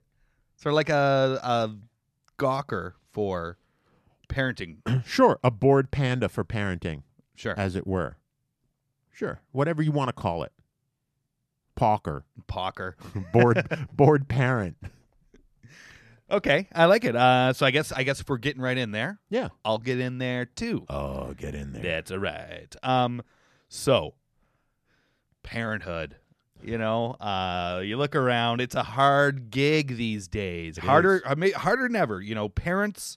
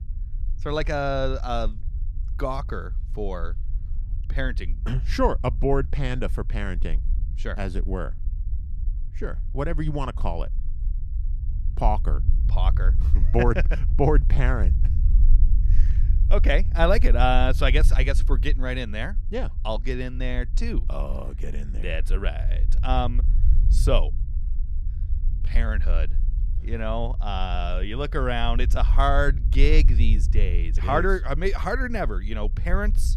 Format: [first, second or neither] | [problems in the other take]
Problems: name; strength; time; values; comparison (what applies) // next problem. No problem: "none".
first | low rumble; noticeable; throughout; 20 dB below the speech